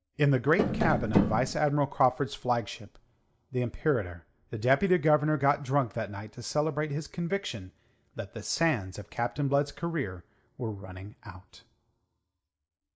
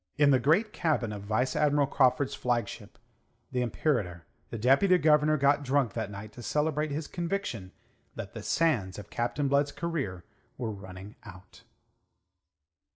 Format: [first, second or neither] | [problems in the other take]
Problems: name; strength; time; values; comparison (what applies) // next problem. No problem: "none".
second | background sound (Tap); 2 dB above the speech